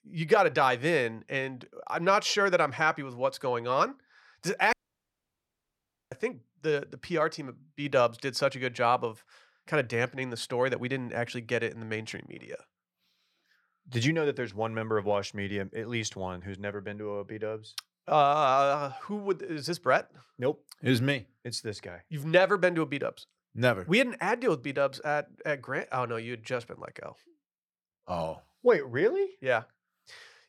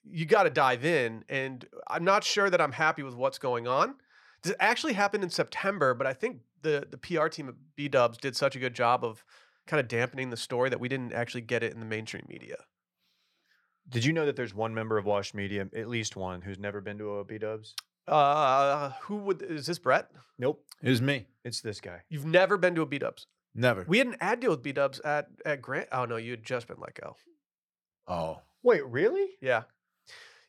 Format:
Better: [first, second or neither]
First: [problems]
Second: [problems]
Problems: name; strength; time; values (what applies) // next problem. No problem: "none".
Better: second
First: audio cutting out; at 4.5 s for 1.5 s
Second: none